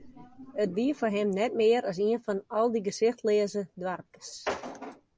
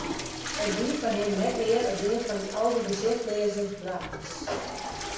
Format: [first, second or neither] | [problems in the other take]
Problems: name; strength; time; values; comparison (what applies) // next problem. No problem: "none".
first | background sound (Toilet flush / Water); 8 dB below the speech // room echo; dies away in 0.7 s